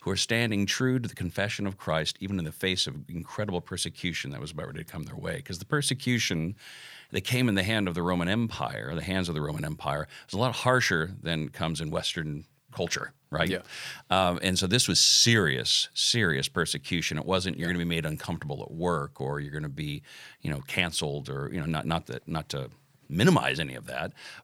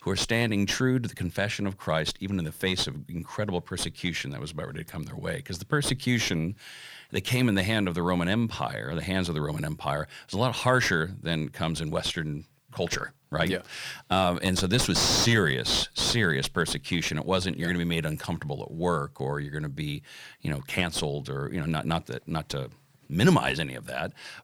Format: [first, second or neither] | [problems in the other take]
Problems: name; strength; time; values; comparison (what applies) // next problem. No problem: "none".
first | distortion; slight; 6 dB below the speech